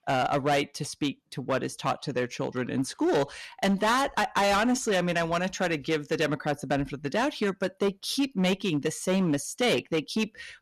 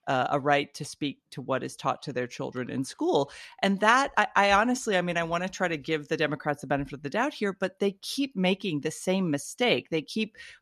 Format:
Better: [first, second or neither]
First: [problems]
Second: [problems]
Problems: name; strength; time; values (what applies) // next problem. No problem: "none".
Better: second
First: distortion; heavy; 9% of the sound clipped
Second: none